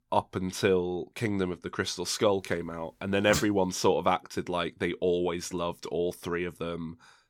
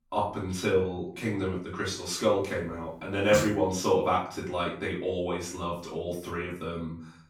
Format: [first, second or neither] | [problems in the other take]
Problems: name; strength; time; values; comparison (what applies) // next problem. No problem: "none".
first | off-mic speech; far // room echo; slight; dies away in 0.4 s